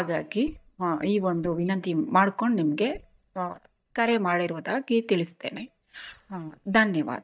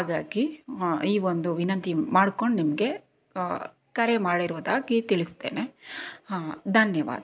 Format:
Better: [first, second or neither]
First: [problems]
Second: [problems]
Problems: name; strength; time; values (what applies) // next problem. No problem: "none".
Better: second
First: noise reduction (neural mask model DeepFilterNet 3)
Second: none